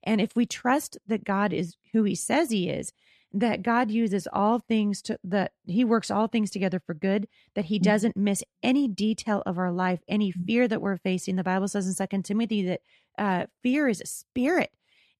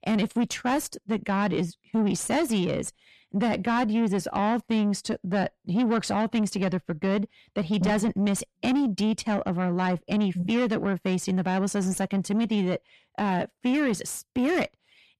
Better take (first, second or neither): first